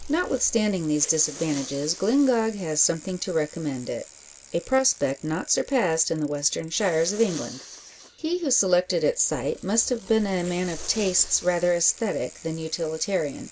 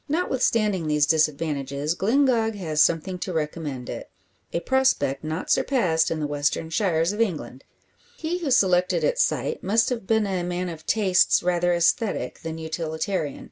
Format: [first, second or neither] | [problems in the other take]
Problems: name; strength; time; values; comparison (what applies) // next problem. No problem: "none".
second | background sound (Respiratory sounds + Bicycle); 17 dB below the speech